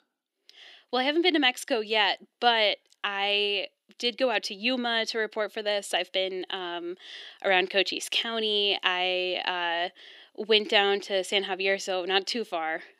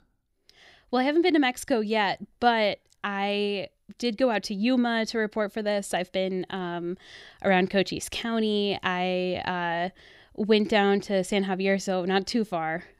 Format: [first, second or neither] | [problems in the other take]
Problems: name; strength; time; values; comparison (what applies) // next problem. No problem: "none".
second | thin; somewhat; fading below 300 Hz